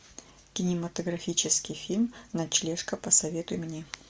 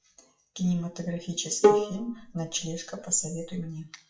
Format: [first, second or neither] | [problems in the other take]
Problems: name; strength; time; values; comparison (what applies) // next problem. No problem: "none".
first | noise reduction (classical method WPE with log-MMSE)